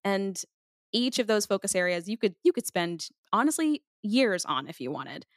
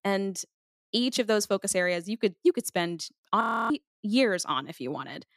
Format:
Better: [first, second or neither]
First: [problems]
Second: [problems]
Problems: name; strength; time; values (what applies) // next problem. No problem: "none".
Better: first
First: none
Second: audio freezing; at 3.5 s